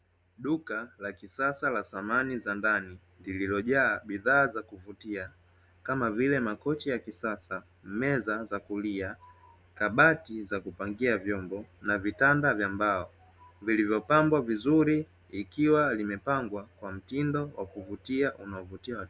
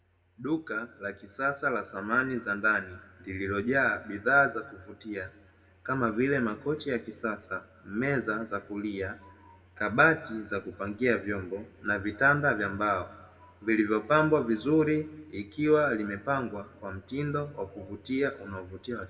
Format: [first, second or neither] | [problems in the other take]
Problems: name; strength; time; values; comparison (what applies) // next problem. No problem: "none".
first | room echo; dies away in 0.8 s